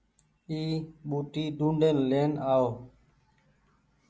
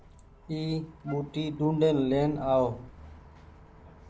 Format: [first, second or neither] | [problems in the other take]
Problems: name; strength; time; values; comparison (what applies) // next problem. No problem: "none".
first | background sound (Wind instrument, woodwind instrument + Bus); 19 dB below the speech